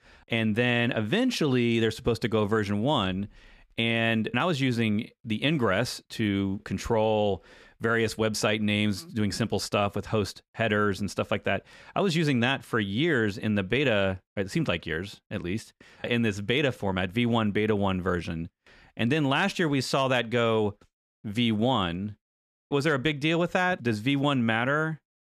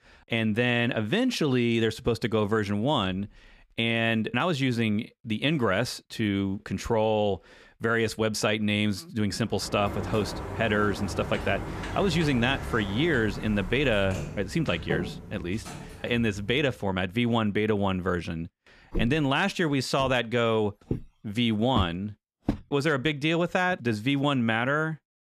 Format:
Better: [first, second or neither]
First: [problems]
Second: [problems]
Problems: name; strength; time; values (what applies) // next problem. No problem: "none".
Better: first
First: none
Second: door banging; noticeable; from 9.5 to 17 s; peak 6 dB below the speech // footsteps; noticeable; from 19 to 23 s; peak 6 dB below the speech